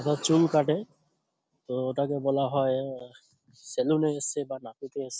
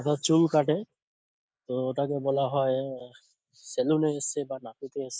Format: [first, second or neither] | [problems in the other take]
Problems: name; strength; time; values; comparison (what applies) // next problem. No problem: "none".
first | noise reduction (neural mask model Resemble Enhance denoiser)